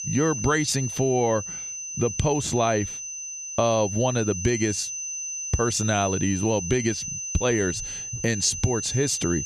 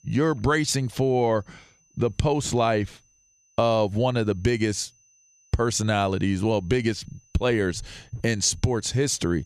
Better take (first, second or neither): second